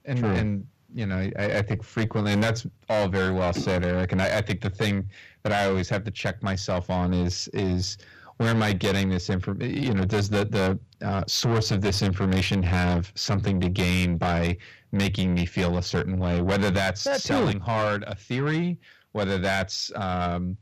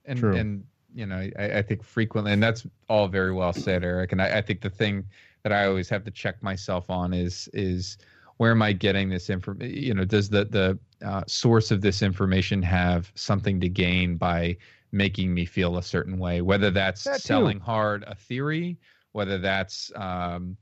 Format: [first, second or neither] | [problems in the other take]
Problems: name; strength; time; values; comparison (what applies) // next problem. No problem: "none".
second | distortion; heavy; 7 dB below the speech